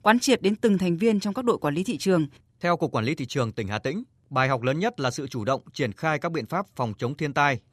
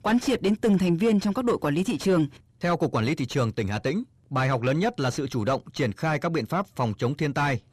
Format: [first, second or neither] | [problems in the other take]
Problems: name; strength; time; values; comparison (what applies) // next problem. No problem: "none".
first | distortion; heavy; 7 dB below the speech